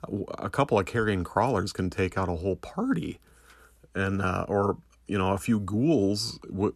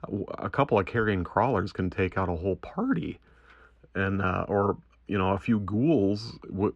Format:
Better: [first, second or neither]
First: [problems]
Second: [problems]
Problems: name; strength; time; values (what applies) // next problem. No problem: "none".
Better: first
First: none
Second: muffled; slightly; fading above 2.5 kHz